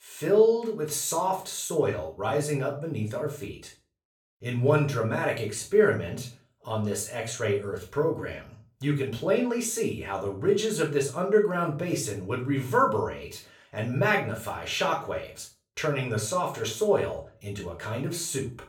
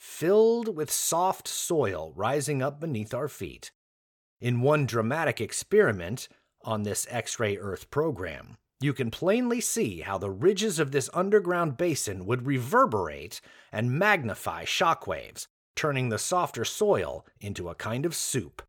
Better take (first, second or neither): second